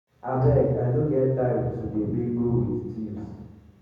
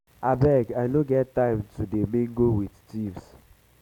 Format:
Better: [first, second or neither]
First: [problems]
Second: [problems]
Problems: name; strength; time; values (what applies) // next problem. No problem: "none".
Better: second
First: room echo; dies away in 1.1 s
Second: none